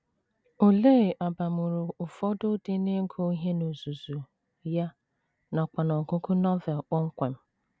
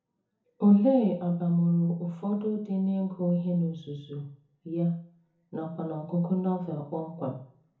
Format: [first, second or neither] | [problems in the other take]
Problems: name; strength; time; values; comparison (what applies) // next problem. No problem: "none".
first | room echo; dies away in 0.5 s